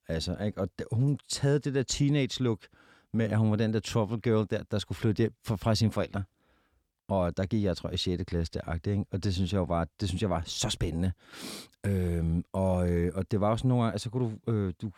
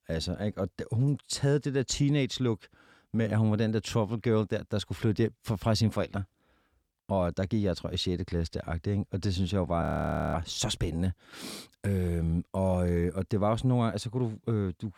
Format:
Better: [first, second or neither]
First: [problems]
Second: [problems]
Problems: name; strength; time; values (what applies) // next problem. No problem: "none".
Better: first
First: none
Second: audio freezing; at 10 s for 0.5 s